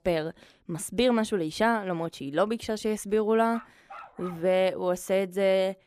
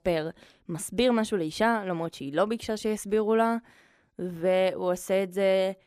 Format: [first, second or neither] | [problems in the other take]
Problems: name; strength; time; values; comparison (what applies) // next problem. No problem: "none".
second | dog barking; faint; at 3.5 s; peak 15 dB below the speech